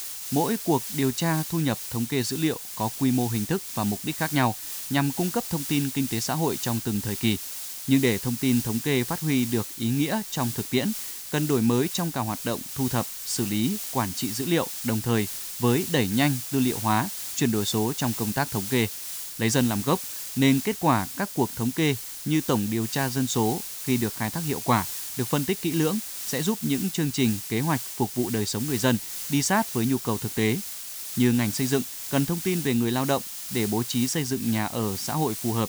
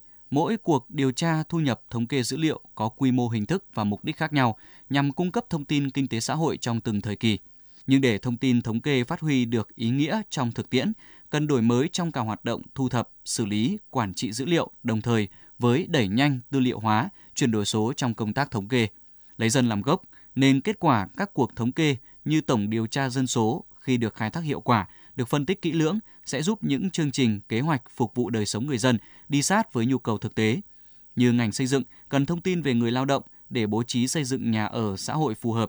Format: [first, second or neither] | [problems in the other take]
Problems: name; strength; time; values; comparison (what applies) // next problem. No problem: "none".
second | hiss; loud; throughout; 6 dB below the speech